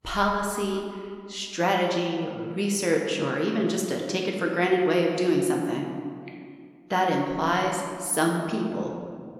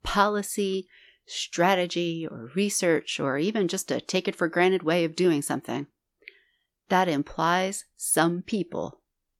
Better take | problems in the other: second | room echo; noticeable; dies away in 1.6 s // off-mic speech; somewhat distant

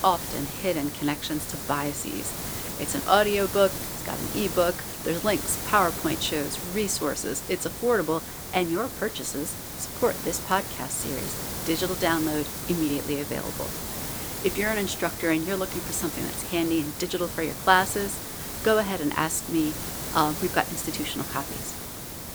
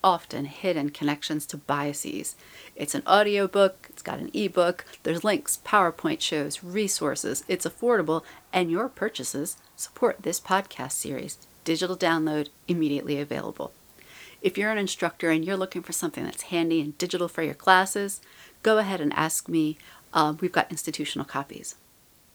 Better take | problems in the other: second | hiss; loud; throughout; 5 dB below the speech; faint in the second

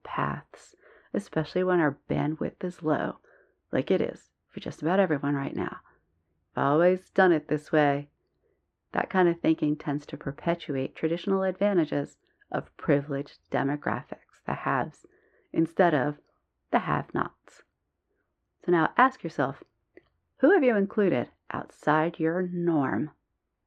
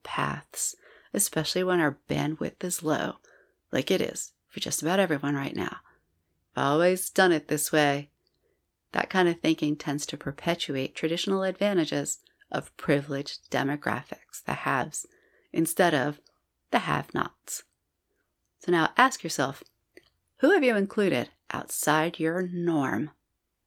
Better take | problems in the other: second | muffled; very; fading above 1.5 kHz

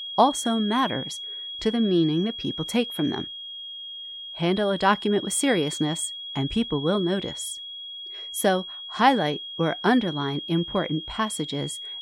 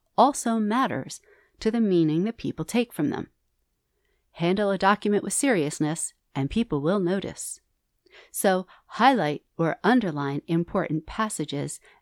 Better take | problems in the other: second | high-pitched whine; loud; throughout; 3.5 kHz, 8 dB below the speech

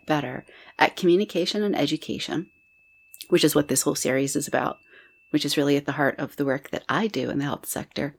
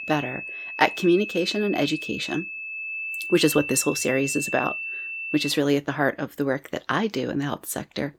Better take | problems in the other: first | high-pitched whine; loud; until 5.5 s; 2.5 kHz, 6 dB below the speech; faint in the first

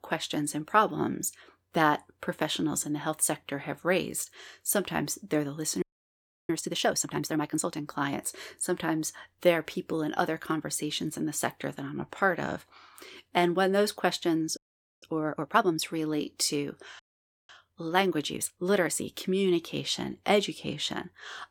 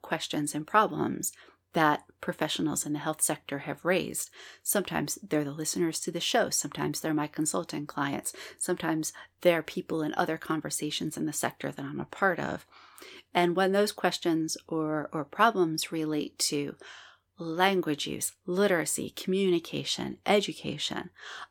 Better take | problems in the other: second | audio freezing; at 6 s for 0.5 s, at 15 s and at 17 s

